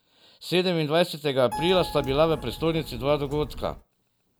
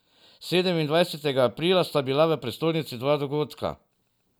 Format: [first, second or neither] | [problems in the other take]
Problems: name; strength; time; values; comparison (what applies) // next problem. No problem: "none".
second | background sound (Keyboard (musical)); 11 dB below the speech